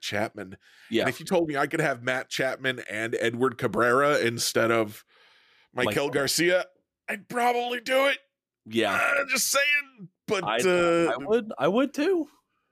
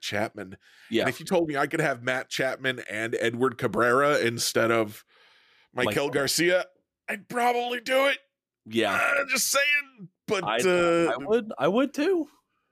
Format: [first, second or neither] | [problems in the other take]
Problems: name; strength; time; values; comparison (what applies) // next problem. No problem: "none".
neither | none